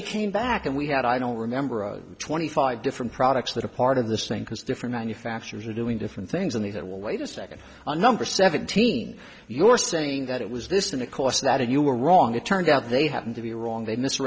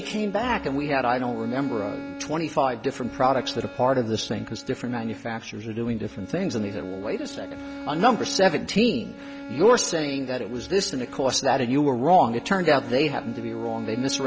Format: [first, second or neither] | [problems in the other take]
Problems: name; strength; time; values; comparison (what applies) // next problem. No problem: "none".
first | background sound (Bowed string instrument); 14 dB below the speech